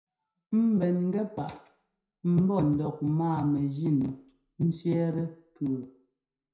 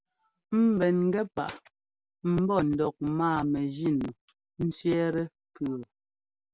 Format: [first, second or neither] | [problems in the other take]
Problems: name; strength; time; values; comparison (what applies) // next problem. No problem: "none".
second | room echo; dies away in 0.4 s